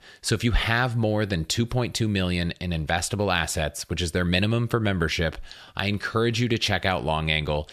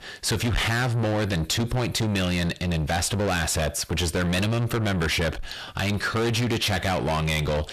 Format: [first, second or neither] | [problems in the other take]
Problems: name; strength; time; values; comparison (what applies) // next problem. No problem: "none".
first | distortion; heavy; 6 dB below the speech